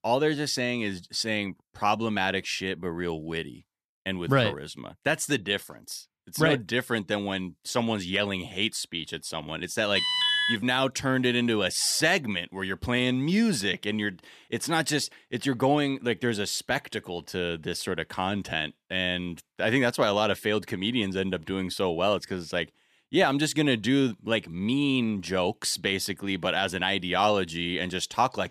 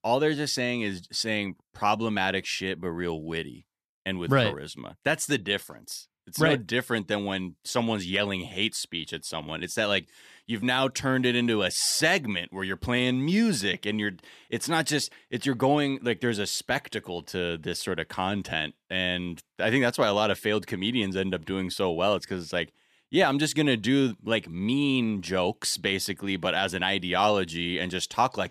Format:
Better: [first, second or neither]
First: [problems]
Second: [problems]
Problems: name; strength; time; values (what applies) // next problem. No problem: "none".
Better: second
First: alarm; loud; at 10 s; peak 5 dB above the speech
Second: none